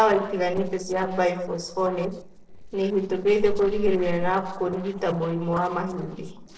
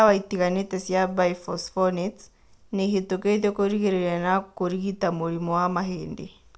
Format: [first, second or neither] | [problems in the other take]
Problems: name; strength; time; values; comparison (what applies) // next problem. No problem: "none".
second | noise reduction (neural separator model SepFormer DNS4)